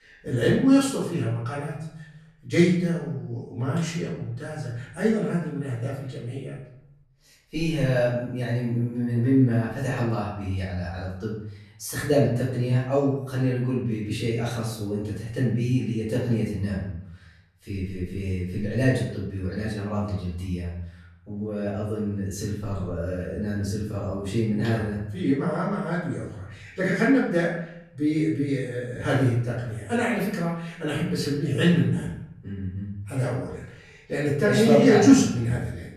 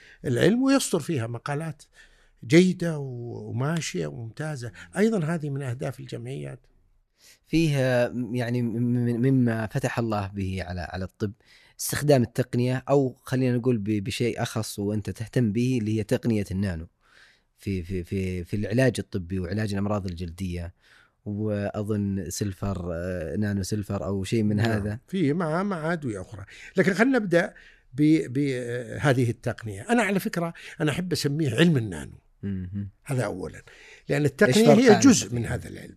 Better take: second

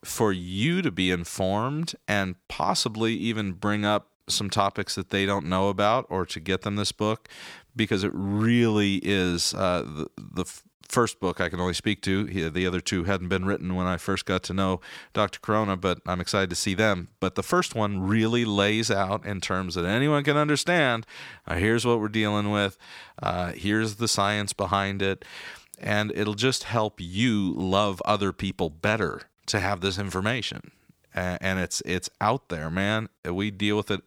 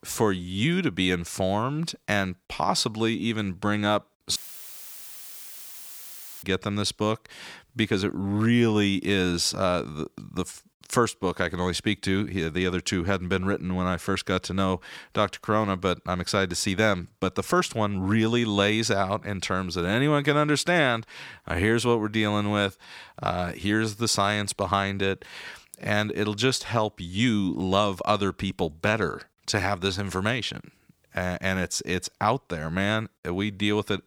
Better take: first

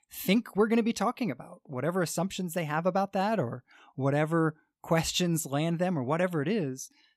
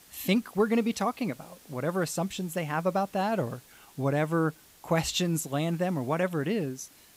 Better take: first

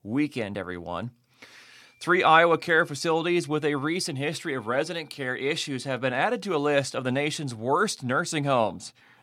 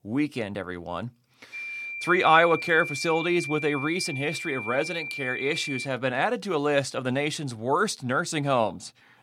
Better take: first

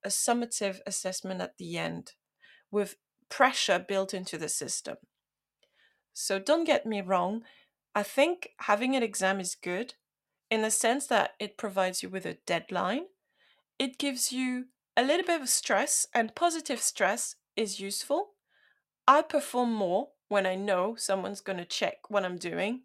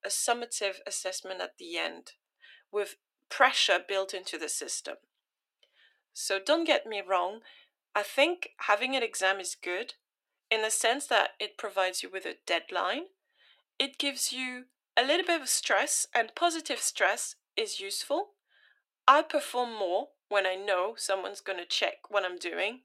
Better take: first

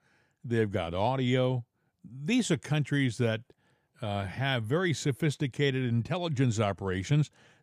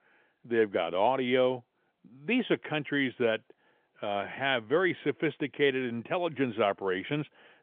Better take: first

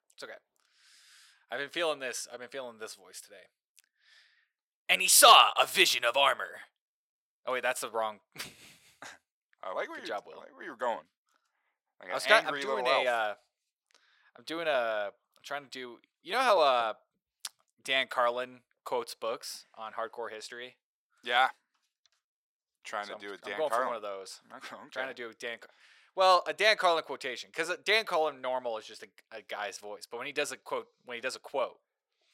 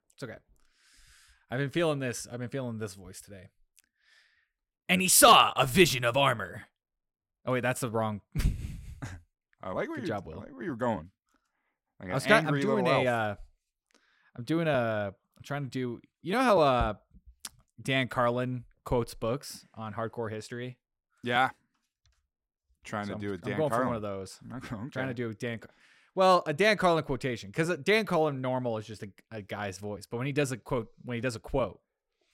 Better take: second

